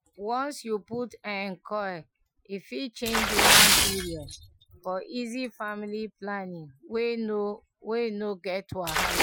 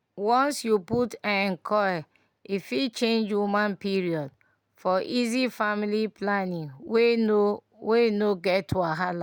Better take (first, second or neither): second